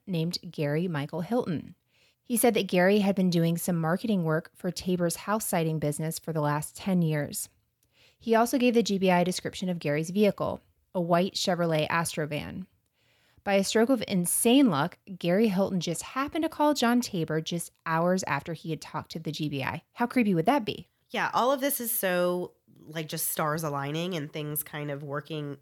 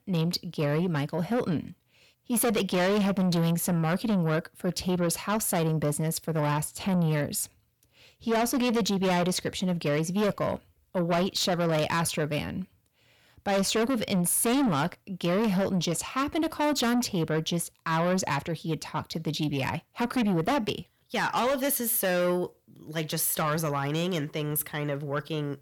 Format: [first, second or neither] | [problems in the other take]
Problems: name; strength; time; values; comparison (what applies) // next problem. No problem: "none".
first | distortion; heavy; 8 dB below the speech